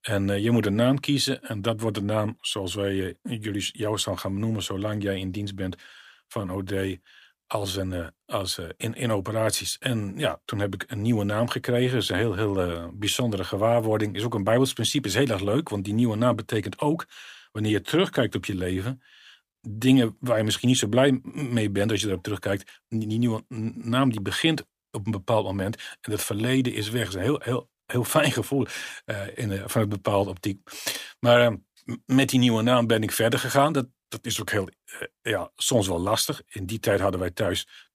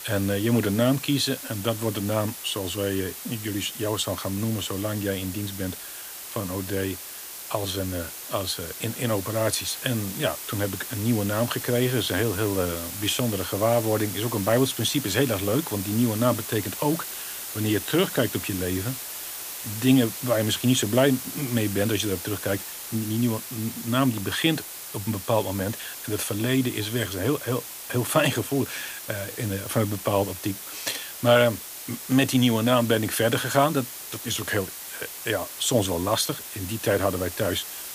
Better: first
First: none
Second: hiss; loud; throughout; 8 dB below the speech

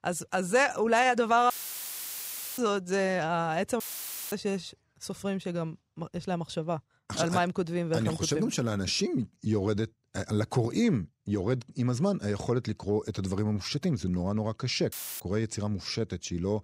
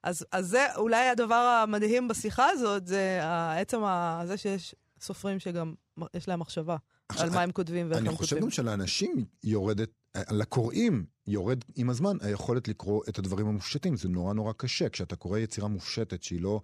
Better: second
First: audio cutting out; filled with static; at 1.5 s for 1 s, at 4 s for 0.5 s and at 15 s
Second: none

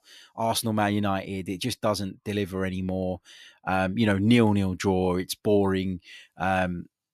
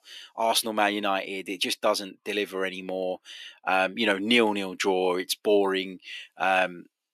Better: first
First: none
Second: thin; somewhat; fading below 300 Hz

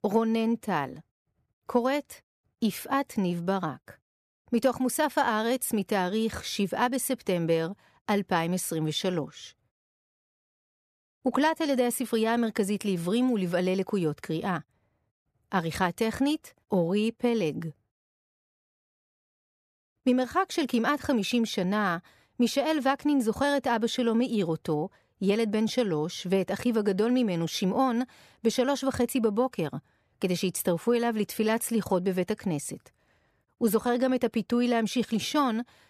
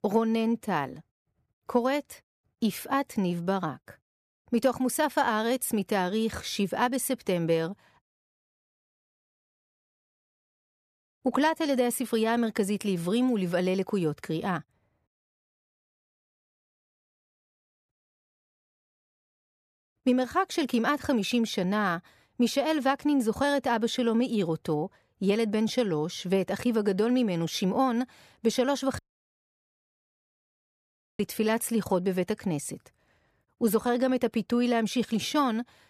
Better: first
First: none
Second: audio cutting out; at 8 s for 2 s, at 15 s for 3 s and at 29 s for 2 s

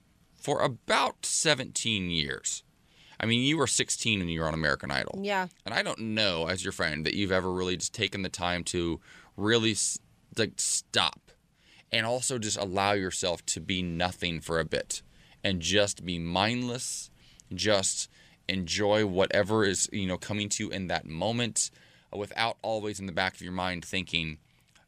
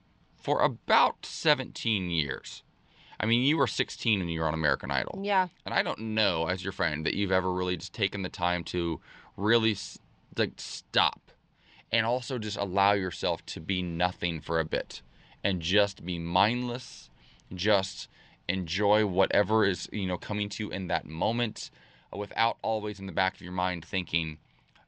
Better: first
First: none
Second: muffled; slightly; fading above 4.5 kHz

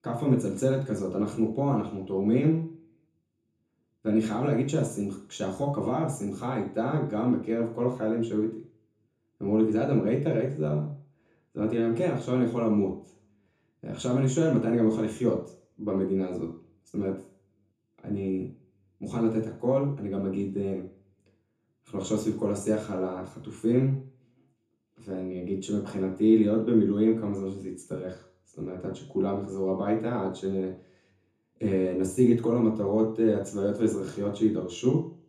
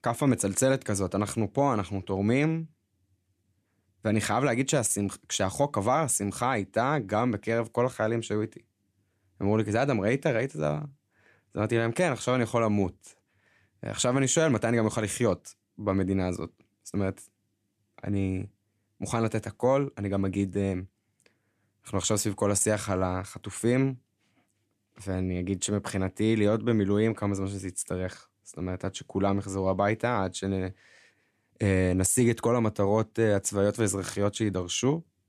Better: second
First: room echo; slight; dies away in 0.6 s // off-mic speech; far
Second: none

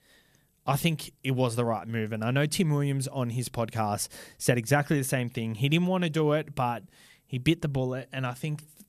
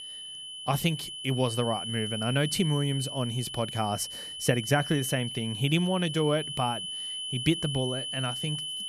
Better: first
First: none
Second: high-pitched whine; loud; throughout; 3 kHz, 5 dB below the speech

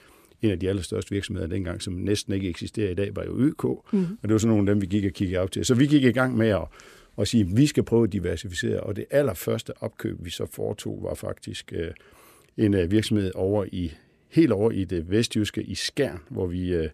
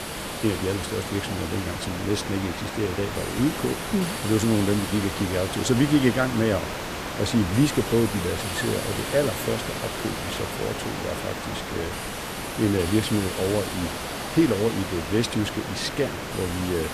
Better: first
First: none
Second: hiss; loud; throughout; 4 dB below the speech

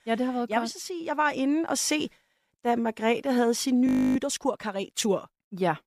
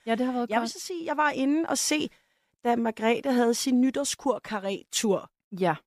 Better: second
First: audio freezing; at 4 s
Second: none

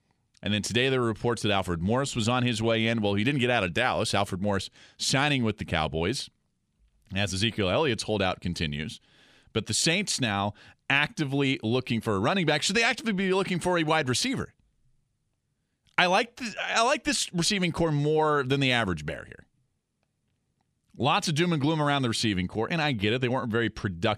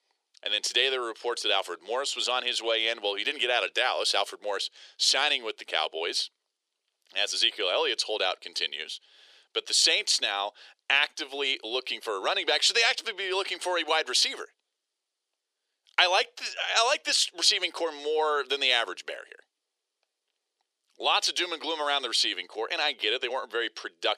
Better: first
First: none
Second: thin; very; fading below 400 Hz

